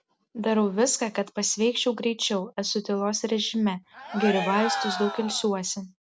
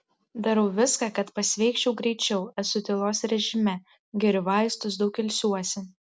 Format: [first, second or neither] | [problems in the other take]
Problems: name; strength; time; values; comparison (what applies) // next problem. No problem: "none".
second | background sound (Cheering); 6 dB below the speech